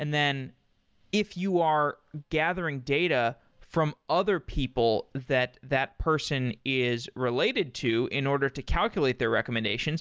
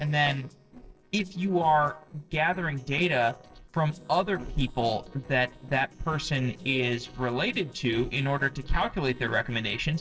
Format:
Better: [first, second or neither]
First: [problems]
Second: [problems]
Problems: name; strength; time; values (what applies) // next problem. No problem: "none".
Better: first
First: none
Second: noise reduction (neural separator model SepFormer DNS4)